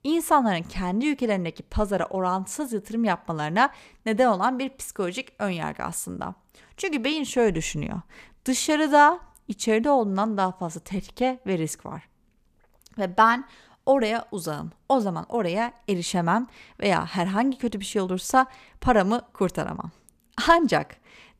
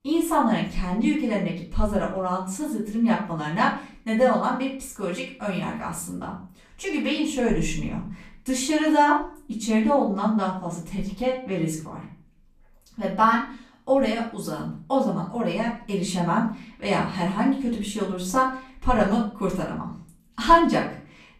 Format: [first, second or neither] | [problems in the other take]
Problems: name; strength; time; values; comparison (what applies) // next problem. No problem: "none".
first | off-mic speech; far // room echo; slight; dies away in 0.4 s